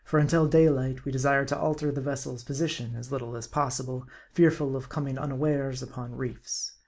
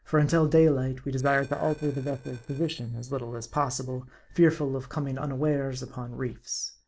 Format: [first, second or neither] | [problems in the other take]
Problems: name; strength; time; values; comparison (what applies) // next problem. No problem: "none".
first | noise reduction (neural separator model SepFormer DNS4)